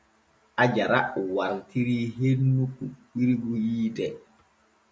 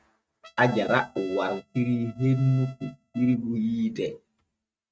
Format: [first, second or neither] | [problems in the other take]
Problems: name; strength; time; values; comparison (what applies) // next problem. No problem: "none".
first | noise reduction (neural mask model RNNoise)